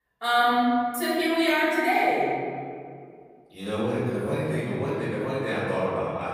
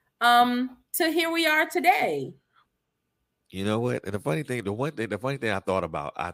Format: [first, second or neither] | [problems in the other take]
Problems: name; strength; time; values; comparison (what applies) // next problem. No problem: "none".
second | off-mic speech; far // room echo; strong; dies away in 2.2 s